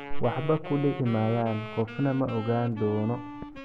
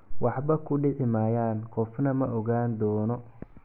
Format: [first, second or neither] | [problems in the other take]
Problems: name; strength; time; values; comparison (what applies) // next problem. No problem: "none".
second | background sound (Wind instrument, woodwind instrument); 12 dB below the speech